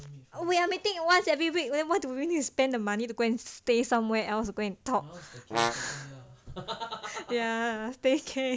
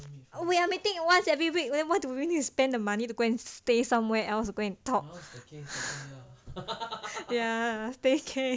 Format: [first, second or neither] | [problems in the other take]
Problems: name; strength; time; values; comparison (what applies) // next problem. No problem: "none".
second | background sound (Brass instrument); 5 dB below the speech